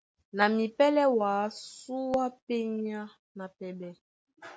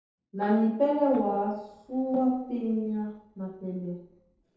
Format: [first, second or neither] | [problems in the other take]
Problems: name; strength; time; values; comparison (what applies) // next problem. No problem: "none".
first | noise reduction (neural separator model SepFormer DNS4)